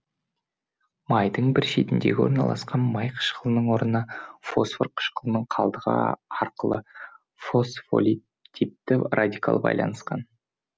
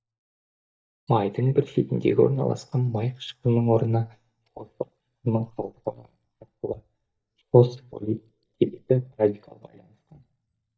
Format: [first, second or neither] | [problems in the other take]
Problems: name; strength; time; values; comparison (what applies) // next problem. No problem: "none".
first | noise reduction (neural mask model DeepFilterNet 3)